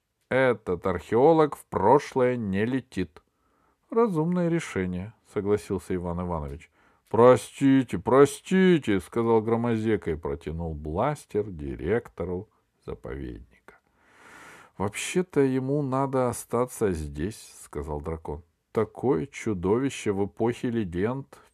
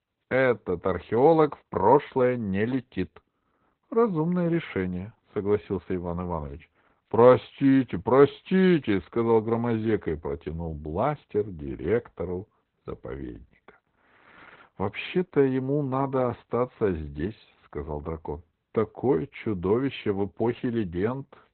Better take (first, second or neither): first